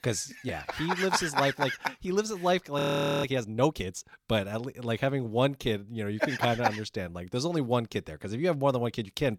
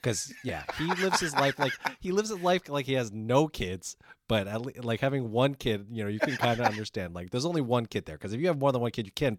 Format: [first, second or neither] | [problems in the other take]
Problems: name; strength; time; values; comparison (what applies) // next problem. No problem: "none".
second | audio freezing; at 3 s